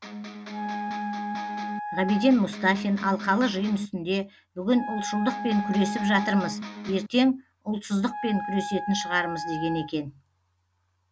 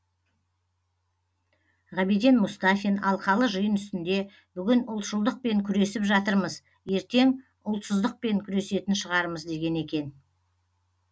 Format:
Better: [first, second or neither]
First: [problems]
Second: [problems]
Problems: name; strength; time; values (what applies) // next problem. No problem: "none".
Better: second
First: background sound (Electric guitar + Wind instrument, woodwind instrument); 7 dB below the speech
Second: none